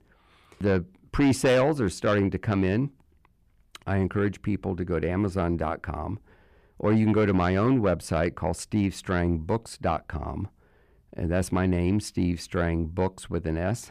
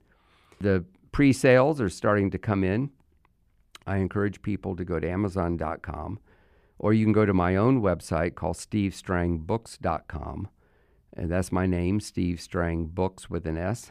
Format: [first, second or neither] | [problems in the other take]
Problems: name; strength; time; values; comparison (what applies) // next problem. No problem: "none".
second | distortion; slight; 10 dB below the speech